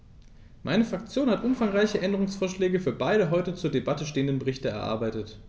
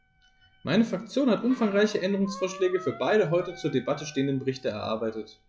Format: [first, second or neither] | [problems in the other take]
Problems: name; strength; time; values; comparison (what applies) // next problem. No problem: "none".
first | noise reduction (classical method log-MMSE)